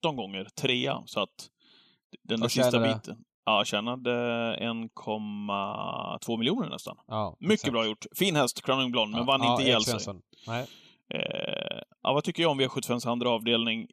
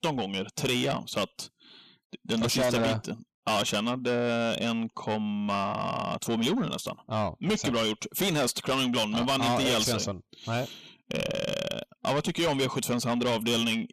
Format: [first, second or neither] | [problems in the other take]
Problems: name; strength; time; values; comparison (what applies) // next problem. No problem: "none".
first | distortion; heavy; 6 dB below the speech